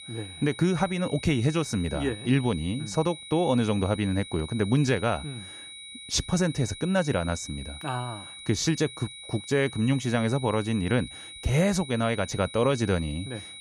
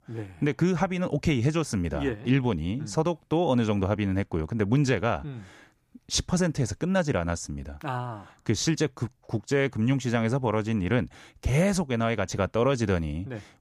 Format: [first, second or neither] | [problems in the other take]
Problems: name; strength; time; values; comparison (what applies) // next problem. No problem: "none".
second | high-pitched whine; noticeable; throughout; 4 kHz, 15 dB below the speech